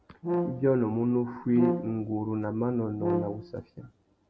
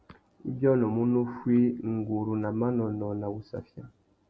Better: second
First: background sound (Brass instrument); 4 dB below the speech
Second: none

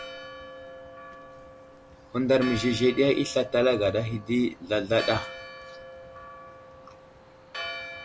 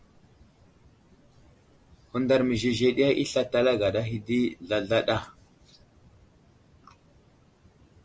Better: second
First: background sound (Church bell); 13 dB below the speech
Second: none

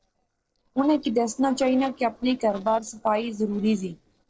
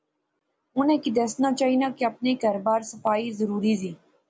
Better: second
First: noise reduction (neural separator model SepFormer DNS4)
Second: none

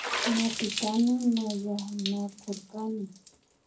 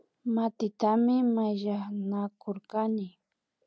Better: second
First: background sound (Water / Splash, splatter); 7 dB below the speech // room echo; dies away in 0.4 s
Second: none

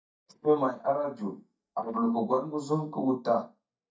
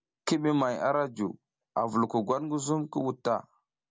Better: second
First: noise reduction (neural mask model DeepFilterNet 3)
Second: none

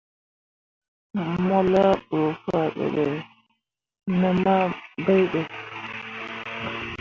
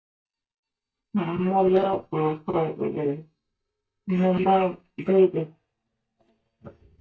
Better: first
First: none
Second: noise reduction (neural mask model DeepFilterNet 3)

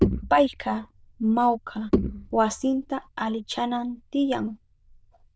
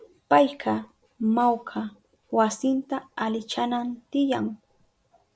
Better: second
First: noise reduction (neural diffusion model UNIVERSE++)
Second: none

